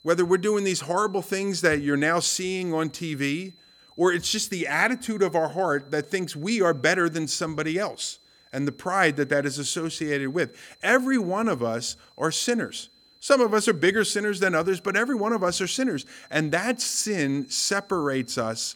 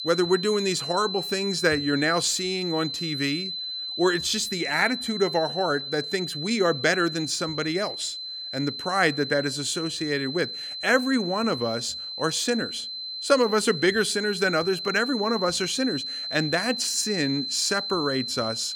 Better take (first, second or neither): first